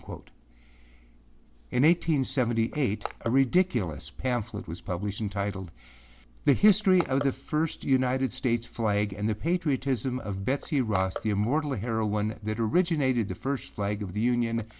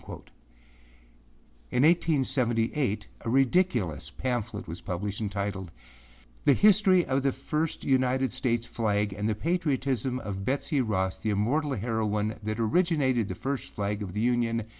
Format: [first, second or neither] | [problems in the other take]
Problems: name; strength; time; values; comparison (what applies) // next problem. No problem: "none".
second | background sound (Crushing); 20 dB below the speech